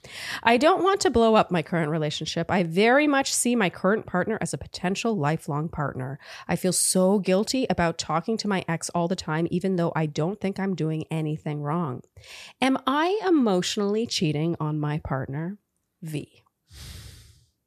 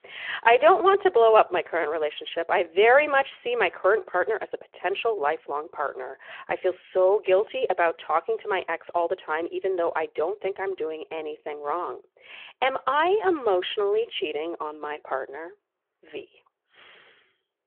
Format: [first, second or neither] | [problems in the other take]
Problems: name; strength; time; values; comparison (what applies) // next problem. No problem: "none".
first | phone-call audio